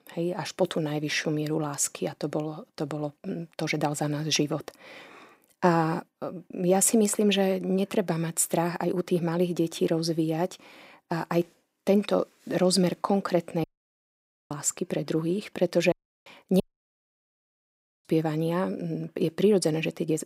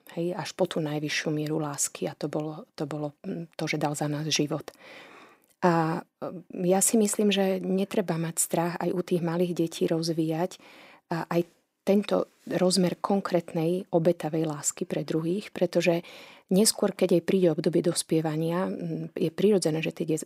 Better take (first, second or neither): second